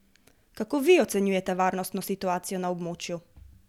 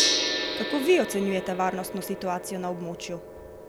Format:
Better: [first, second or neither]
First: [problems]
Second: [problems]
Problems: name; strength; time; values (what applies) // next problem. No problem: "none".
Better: first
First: none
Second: background sound (Gong); 2 dB below the speech